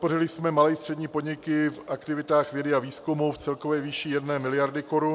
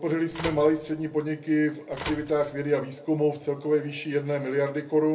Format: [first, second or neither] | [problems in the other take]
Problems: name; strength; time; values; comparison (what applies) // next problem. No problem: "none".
first | background sound (Telephone); 14 dB below the speech // room echo; dies away in 0.3 s